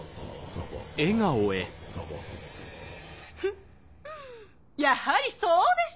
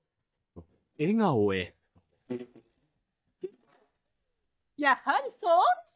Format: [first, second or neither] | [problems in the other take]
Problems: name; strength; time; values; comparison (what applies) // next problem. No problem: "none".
first | noise reduction (neural mask model DeepFilterNet 3)